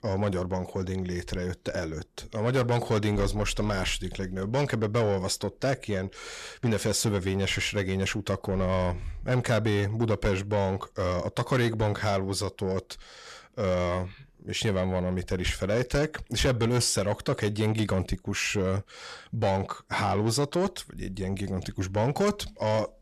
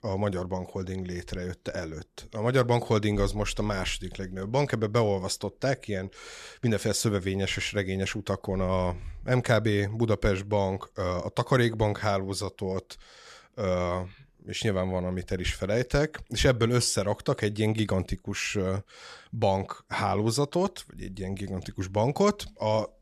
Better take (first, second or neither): second